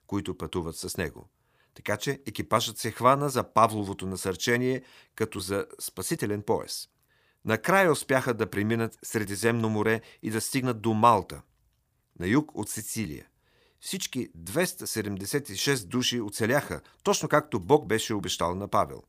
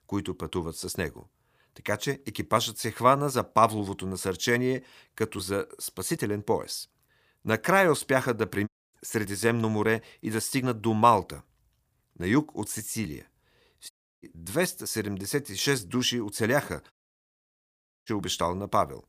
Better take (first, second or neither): first